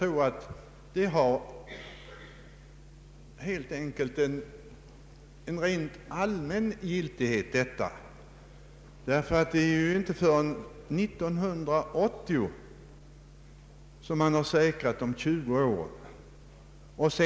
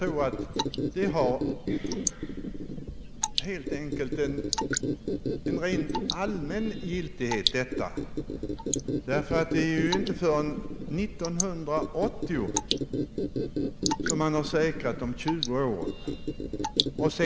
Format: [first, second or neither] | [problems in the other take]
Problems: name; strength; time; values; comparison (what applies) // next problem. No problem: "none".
first | background sound (Drip / Water + Squeak); as loud as the speech